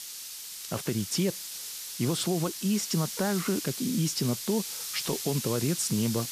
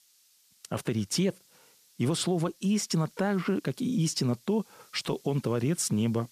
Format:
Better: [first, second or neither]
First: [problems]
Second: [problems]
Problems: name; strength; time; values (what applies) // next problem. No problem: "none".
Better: second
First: hiss; loud; throughout; 5 dB below the speech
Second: hiss; faint; throughout; 30 dB below the speech